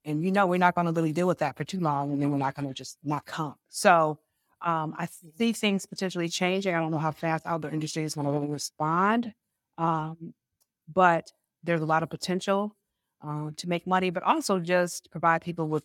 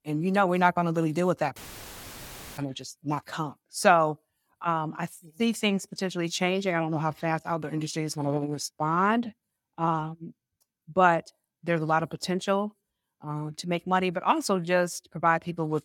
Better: first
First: none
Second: audio cutting out; filled with static; at 1.5 s for 1 s

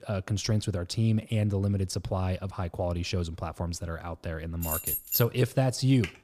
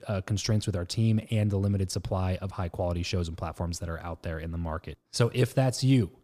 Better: second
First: jangling keys; loud; at 4.5 s; peak 2 dB above the speech // keyboard typing; very faint; at 6 s; peak 10 dB below the speech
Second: none

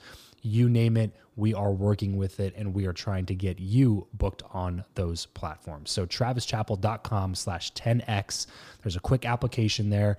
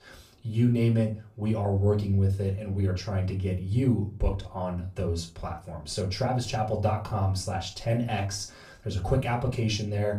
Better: first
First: none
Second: off-mic speech; far // room echo; slight; dies away in 0.3 s

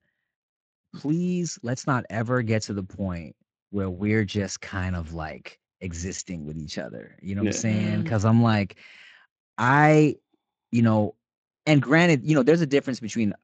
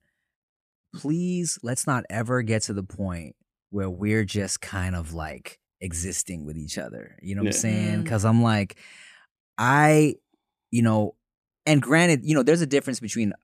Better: second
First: garbled, watery; slightly; nothing above 7.5 kHz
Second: none

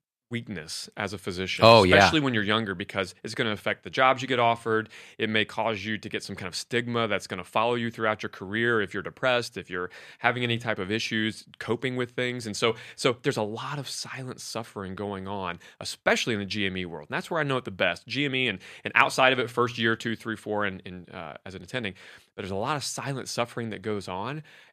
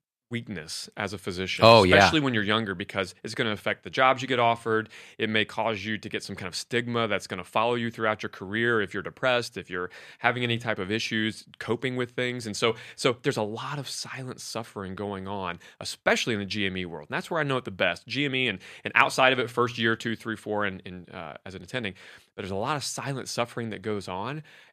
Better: neither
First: none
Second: none

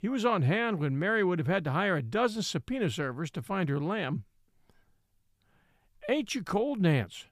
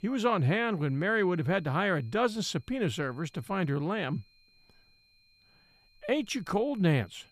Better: first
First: none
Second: high-pitched whine; faint; throughout; 4 kHz, 35 dB below the speech

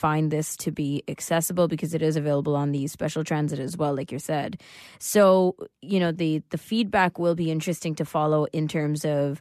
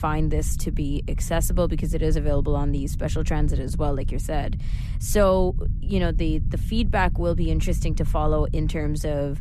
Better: first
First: none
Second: low rumble; noticeable; throughout; 15 dB below the speech

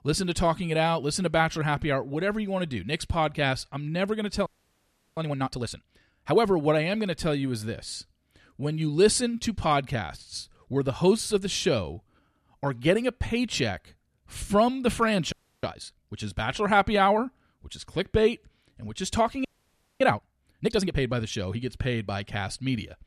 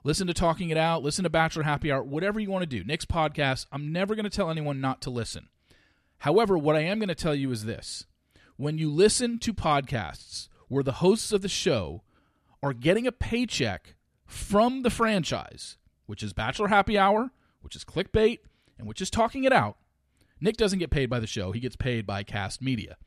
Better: second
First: audio freezing; at 4.5 s for 0.5 s, at 15 s and at 19 s for 0.5 s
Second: none

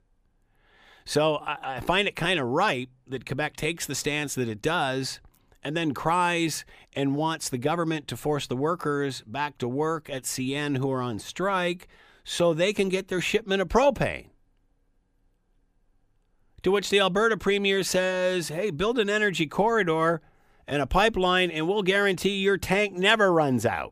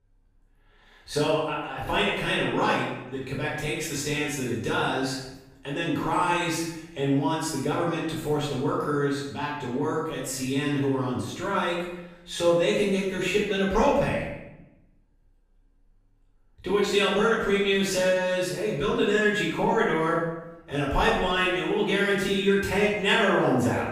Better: first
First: none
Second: off-mic speech; far // room echo; noticeable; dies away in 0.8 s

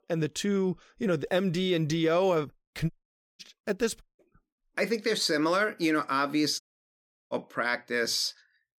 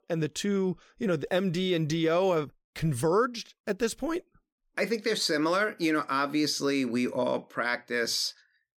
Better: second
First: audio cutting out; at 3 s, at 4 s and at 6.5 s for 0.5 s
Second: none

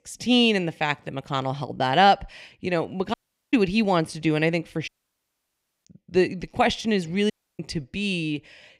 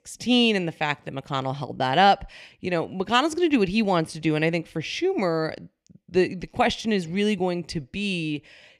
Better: second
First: audio cutting out; at 3 s, at 5 s for 1 s and at 7.5 s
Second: none

